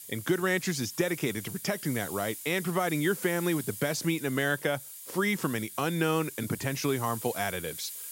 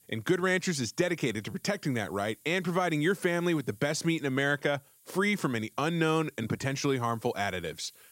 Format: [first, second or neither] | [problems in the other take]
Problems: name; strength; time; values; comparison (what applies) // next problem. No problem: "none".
second | hiss; loud; throughout; 10 dB below the speech; faint in the second